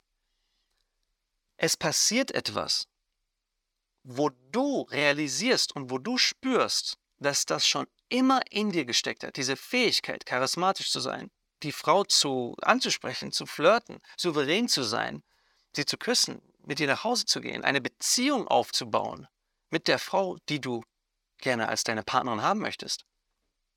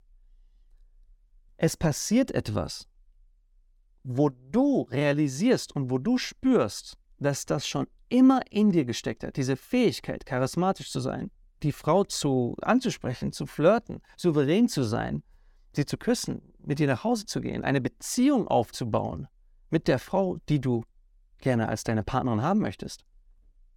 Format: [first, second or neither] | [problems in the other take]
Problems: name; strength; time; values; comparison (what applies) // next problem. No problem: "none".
second | thin; somewhat; fading below 750 Hz